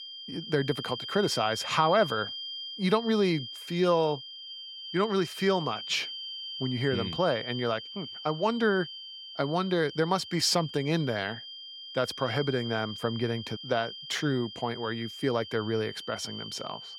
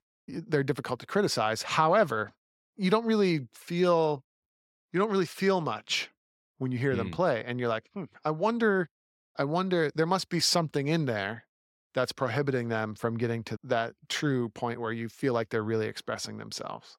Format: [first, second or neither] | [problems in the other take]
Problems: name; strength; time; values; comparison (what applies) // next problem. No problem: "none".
second | high-pitched whine; loud; throughout; 3 kHz, 9 dB below the speech